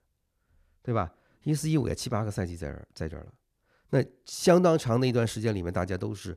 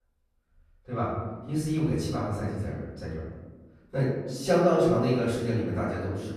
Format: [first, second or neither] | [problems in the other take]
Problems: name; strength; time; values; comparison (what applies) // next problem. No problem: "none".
first | off-mic speech; far // room echo; noticeable; dies away in 1.3 s